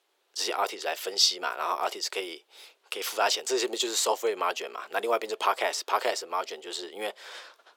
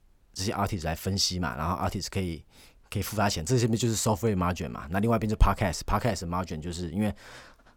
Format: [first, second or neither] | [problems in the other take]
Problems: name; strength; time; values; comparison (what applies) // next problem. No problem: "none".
second | thin; very; fading below 400 Hz